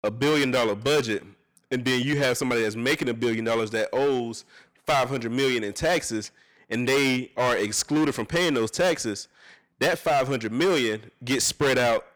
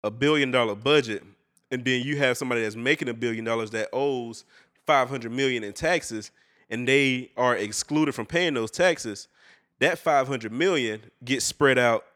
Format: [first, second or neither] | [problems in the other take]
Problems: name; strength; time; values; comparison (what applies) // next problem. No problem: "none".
second | distortion; heavy; 12% of the sound clipped